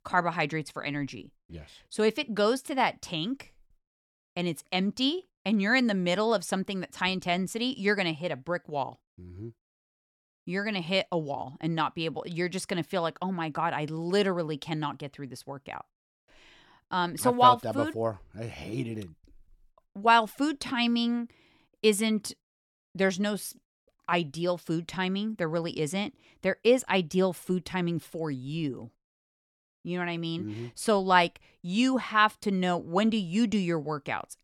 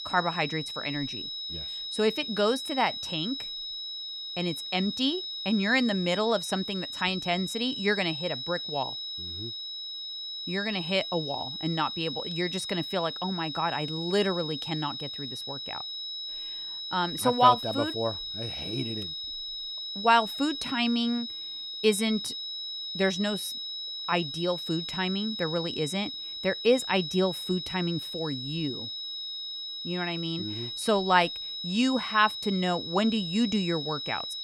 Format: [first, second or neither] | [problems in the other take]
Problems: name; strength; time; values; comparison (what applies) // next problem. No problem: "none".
first | high-pitched whine; loud; throughout; 4 kHz, 5 dB below the speech